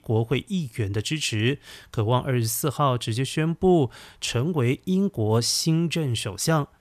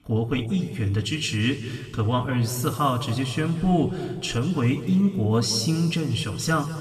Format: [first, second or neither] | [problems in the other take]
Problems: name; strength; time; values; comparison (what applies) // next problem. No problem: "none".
first | room echo; noticeable; dies away in 2 s // off-mic speech; somewhat distant